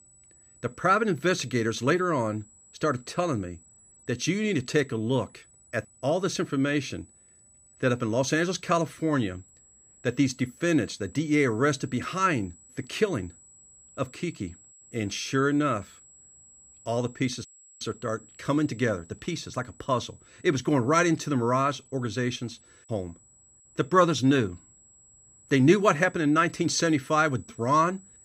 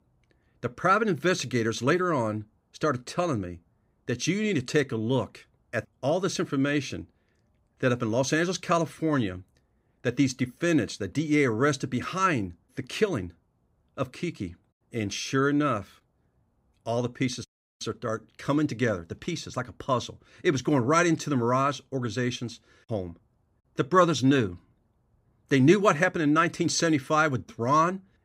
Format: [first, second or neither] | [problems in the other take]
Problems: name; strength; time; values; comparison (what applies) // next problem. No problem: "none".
second | high-pitched whine; faint; throughout; 7.5 kHz, 25 dB below the speech